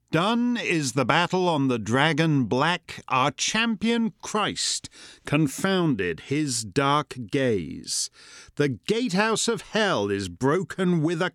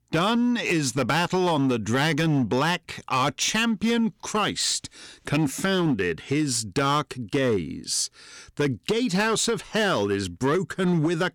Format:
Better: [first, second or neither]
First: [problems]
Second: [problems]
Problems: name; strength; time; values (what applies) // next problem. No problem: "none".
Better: first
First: none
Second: distortion; slight; 8% of the sound clipped